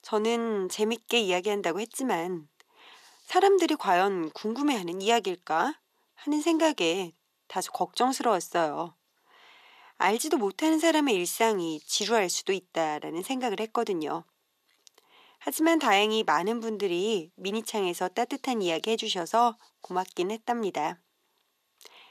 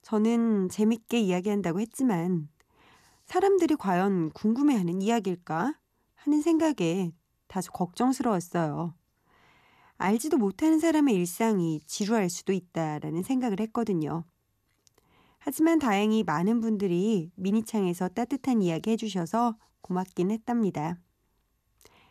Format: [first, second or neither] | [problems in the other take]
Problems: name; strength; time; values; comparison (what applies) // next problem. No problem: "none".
second | thin; somewhat; fading below 500 Hz